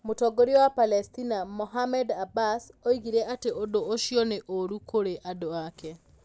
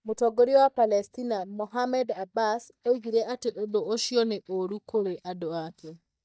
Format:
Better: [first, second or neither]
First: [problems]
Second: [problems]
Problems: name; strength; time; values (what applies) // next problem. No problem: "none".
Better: first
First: none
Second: noise reduction (neural mask model DeepFilterNet 3)